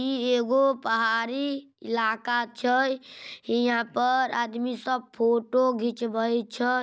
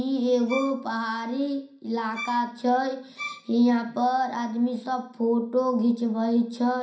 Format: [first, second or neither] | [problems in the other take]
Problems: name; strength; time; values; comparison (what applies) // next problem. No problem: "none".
first | background sound (Bowed string instrument); 14 dB below the speech // room echo; dies away in 0.5 s